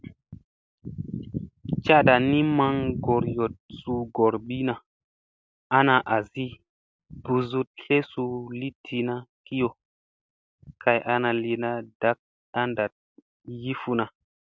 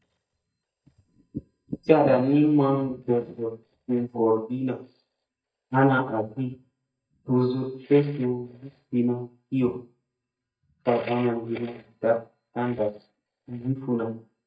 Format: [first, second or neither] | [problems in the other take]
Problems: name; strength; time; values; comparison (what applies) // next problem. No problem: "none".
first | noise reduction (neural mask model DeepFilterNet 3)